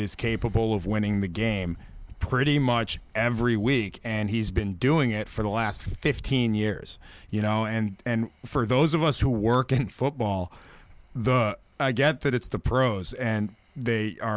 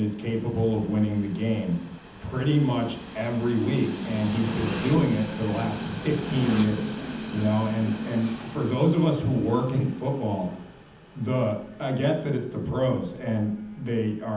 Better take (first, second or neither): first